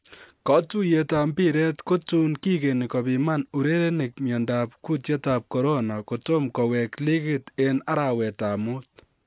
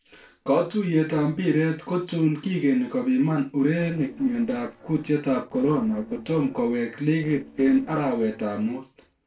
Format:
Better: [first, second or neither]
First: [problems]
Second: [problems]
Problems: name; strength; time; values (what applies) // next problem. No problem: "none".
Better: first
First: none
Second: noise reduction (neural separator model SepFormer DNS4)